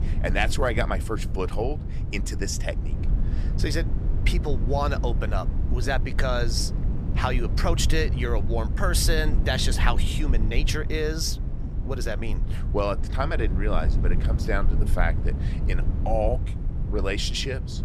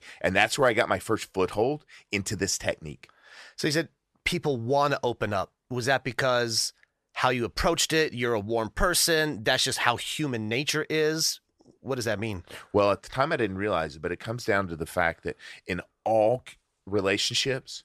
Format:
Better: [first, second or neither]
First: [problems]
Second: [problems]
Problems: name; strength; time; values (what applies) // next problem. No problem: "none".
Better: second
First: wind noise on the microphone; occasional gusts; 10 dB below the speech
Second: none